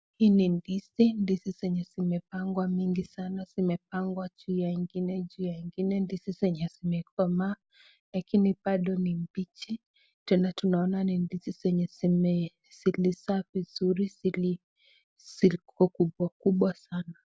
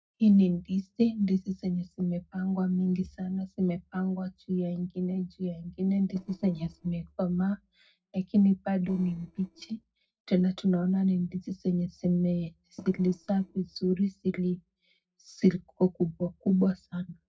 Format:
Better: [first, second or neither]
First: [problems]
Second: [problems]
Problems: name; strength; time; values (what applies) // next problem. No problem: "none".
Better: first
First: none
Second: noise reduction (neural separator model SepFormer DNS4)